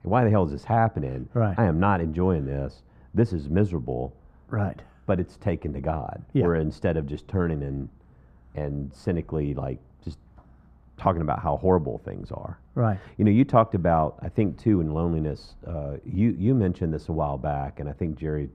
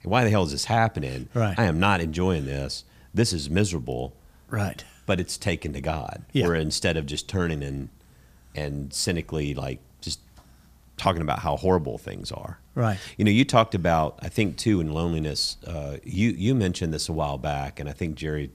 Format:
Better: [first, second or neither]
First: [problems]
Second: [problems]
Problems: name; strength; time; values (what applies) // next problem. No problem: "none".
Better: second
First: muffled; very; fading above 2.5 kHz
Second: none